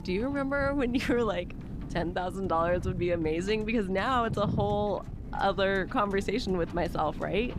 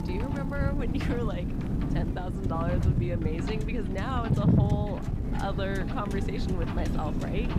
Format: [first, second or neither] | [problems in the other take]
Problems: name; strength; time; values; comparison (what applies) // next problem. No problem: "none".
first | wind noise on the microphone; heavy; 2 dB below the speech; occasional gusts in the first